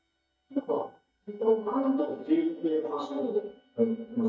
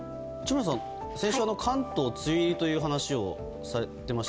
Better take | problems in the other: second | noise reduction (neural mask model DeepFilterNet 3)

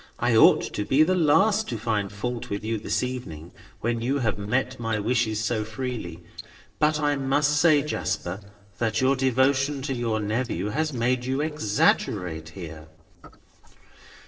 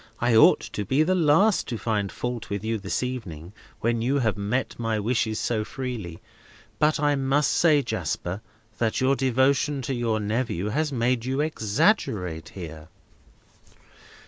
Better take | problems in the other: second | noise reduction (neural separator model SepFormer DNS4)

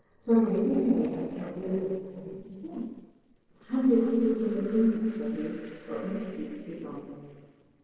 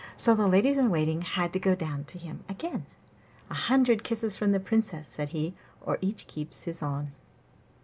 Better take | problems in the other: second | noise reduction (neural separator model SepFormer DNS4)

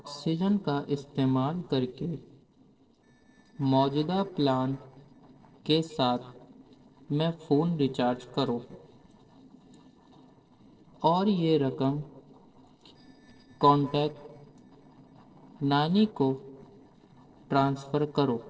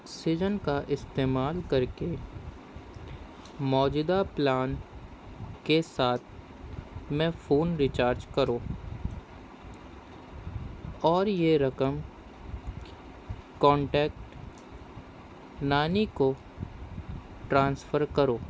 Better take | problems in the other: second | noise reduction (neural separator model SepFormer DNS4)

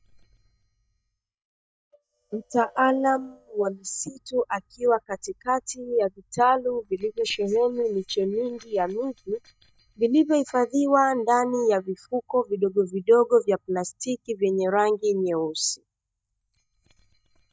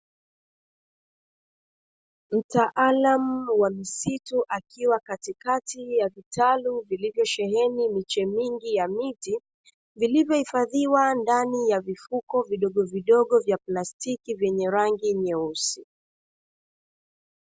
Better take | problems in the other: second | noise reduction (neural mask model DeepFilterNet 3)

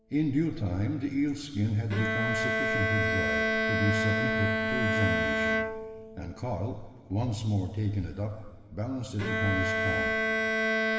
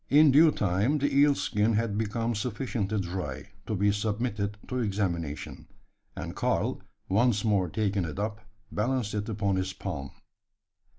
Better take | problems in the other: second | background sound (Bowed string instrument); 1 dB above the speech // room echo; dies away in 2.8 s

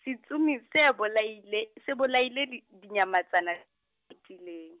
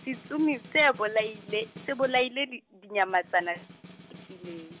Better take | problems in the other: first | background sound (Snare drum); 19 dB below the speech

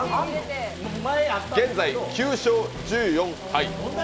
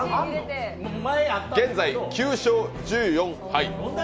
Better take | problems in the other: second | background sound (Stream); 18 dB below the speech

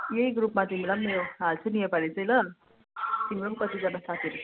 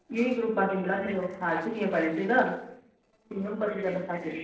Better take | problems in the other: first | noise reduction (neural separator model SepFormer DNS4)

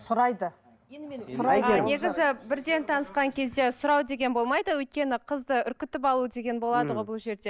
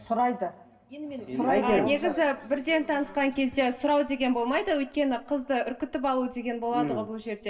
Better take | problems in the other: first | room echo; dies away in 0.8 s

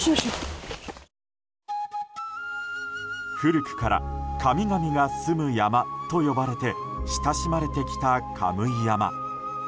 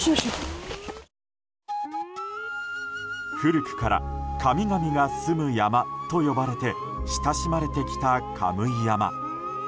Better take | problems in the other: first | background sound (Alarm); 19 dB below the speech

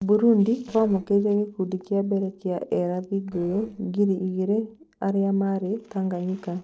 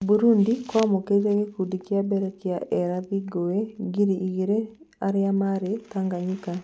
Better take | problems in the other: second | noise reduction (neural separator model SepFormer DNS4)

